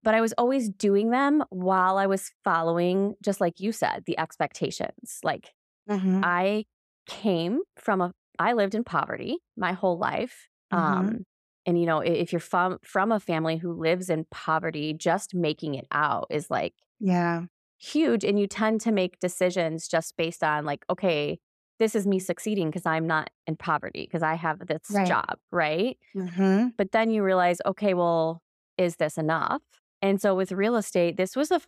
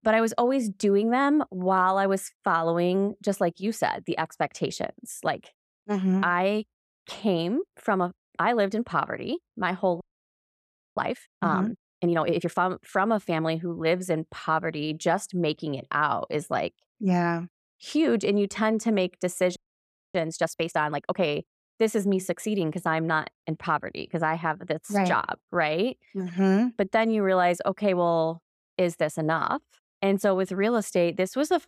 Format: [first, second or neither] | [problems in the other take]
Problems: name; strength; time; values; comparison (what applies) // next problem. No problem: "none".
first | audio freezing; at 10 s for 1 s and at 20 s for 0.5 s